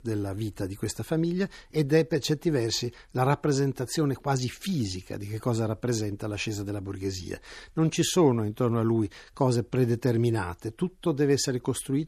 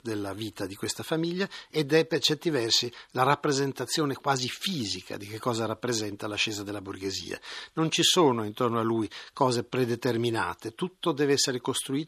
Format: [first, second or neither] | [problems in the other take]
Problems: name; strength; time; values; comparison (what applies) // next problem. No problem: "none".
first | thin; somewhat; fading below 650 Hz